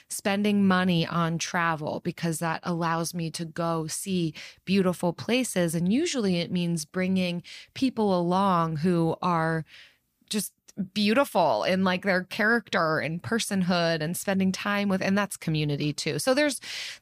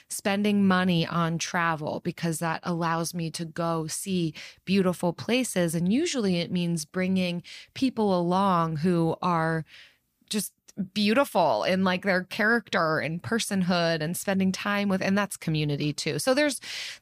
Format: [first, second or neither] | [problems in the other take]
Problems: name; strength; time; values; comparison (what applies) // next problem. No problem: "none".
neither | none